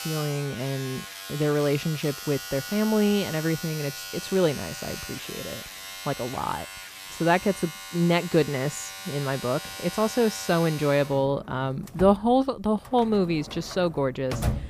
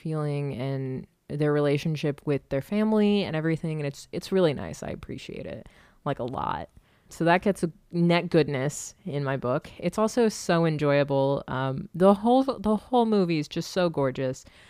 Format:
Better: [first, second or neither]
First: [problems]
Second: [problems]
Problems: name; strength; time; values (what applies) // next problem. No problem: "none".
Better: second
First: household noises; noticeable; throughout; 10 dB below the speech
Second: none